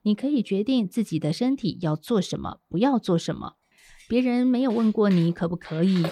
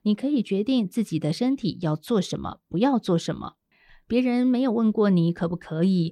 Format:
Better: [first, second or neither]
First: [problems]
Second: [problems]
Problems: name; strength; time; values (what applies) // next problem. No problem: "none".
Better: second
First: animal sounds; faint; throughout; 20 dB below the speech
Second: none